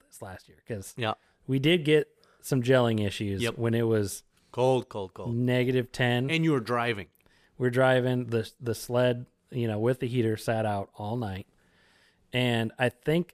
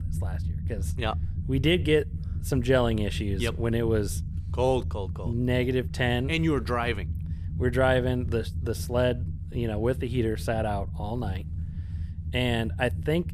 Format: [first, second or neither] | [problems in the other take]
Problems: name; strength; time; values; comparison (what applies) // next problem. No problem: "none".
first | low rumble; noticeable; throughout; 20 dB below the speech